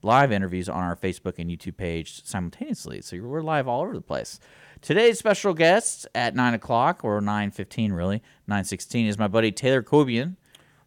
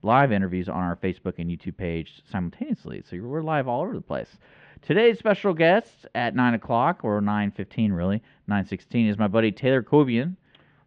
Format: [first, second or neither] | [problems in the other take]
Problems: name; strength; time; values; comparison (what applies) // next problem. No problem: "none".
first | muffled; very; fading above 3 kHz